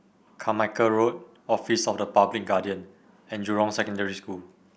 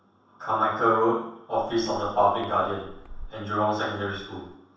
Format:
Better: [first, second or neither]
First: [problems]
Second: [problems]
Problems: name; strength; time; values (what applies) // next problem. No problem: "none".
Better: first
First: none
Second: background sound (Walk, footsteps); 18 dB below the speech // room echo; dies away in 0.7 s